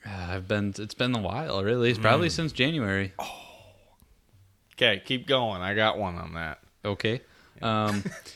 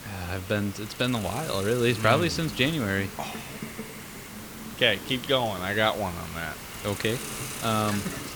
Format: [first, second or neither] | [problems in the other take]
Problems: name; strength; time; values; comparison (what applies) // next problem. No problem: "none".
first | hiss; noticeable; throughout; 10 dB below the speech